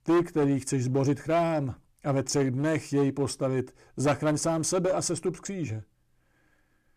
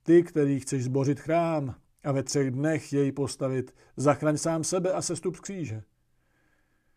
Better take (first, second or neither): second